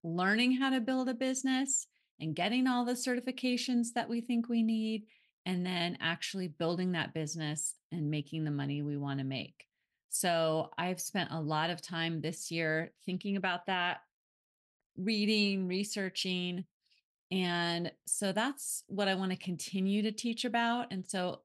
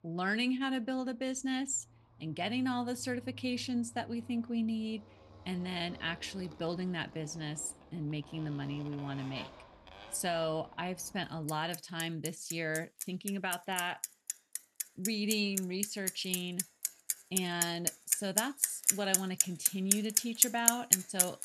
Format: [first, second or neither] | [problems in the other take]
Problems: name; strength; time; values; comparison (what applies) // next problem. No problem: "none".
first | traffic noise; very loud; throughout; 3 dB above the speech